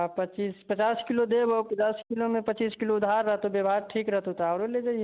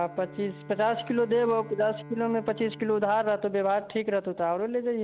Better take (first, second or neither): first